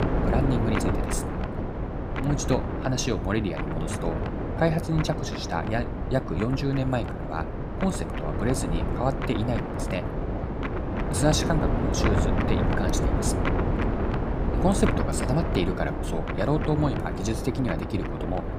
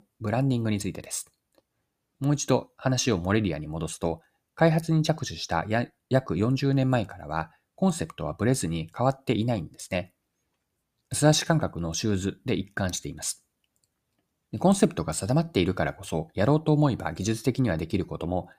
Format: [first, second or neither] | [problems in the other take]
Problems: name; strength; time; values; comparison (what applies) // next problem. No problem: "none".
second | wind noise on the microphone; heavy; 1 dB below the speech